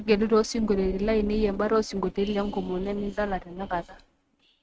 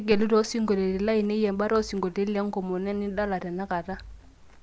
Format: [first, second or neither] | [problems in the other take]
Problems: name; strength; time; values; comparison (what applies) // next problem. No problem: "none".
second | noise reduction (neural mask model RNNoise)